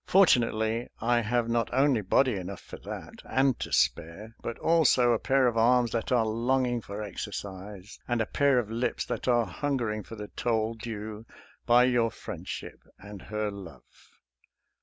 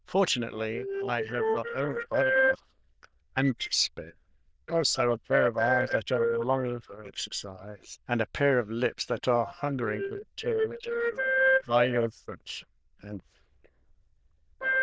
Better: first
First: none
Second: noise reduction (neural diffusion model UNIVERSE++)

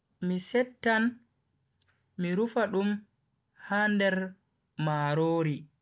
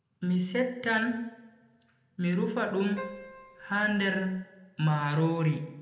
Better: first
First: none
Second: background sound (Keyboard (musical)); 15 dB below the speech // room echo; dies away in 0.8 s

